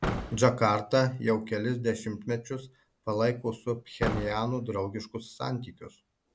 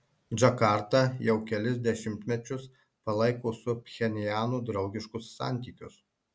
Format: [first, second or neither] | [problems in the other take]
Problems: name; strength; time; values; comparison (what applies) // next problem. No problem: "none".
second | background sound (Slam / Car); 10 dB below the speech